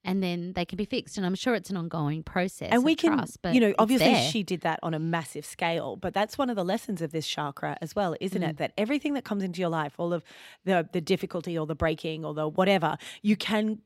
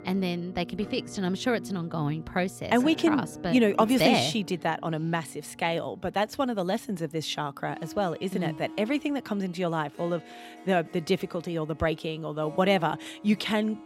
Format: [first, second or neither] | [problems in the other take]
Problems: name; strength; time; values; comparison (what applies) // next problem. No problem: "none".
first | background music; noticeable; throughout; 15 dB below the speech